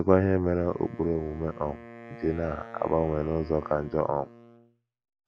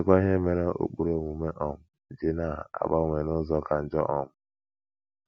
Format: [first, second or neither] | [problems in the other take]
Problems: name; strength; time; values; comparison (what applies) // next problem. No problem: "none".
second | background sound (Wind instrument, woodwind instrument); 18 dB below the speech